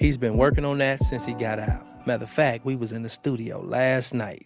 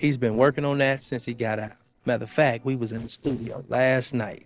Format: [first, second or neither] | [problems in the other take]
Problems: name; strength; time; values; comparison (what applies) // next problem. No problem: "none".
first | noise reduction (neural separator model SepFormer DNS4)